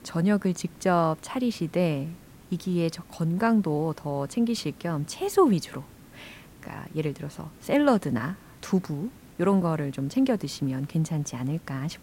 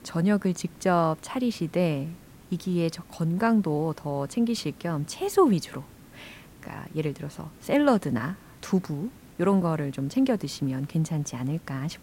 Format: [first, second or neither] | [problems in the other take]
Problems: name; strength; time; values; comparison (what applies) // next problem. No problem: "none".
neither | hiss; faint; throughout; 25 dB below the speech; the same in both